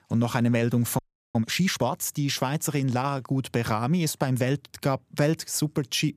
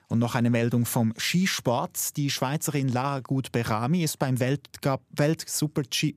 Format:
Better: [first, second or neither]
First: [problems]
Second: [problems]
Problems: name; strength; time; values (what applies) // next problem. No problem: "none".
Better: second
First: audio freezing; at 1 s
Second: none